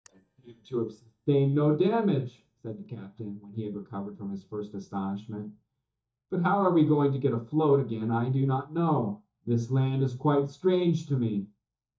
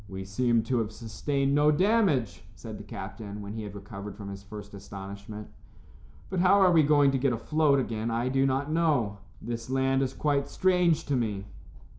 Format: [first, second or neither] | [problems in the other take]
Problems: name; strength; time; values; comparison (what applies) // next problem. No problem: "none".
second | noise reduction (neural mask model DeepFilterNet 3)